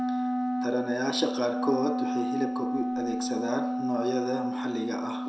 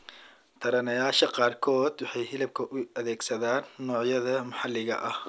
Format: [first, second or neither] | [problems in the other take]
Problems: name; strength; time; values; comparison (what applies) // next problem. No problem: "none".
second | background sound (Wind instrument, woodwind instrument); 1 dB above the speech // room echo; dies away in 0.5 s